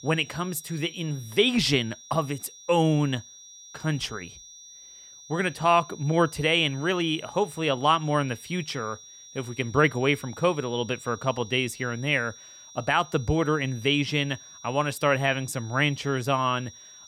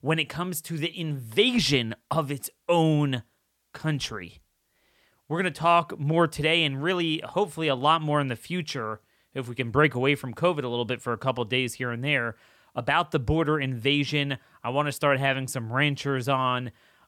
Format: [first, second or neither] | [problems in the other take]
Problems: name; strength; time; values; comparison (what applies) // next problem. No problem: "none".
second | high-pitched whine; noticeable; throughout; 5.5 kHz, 20 dB below the speech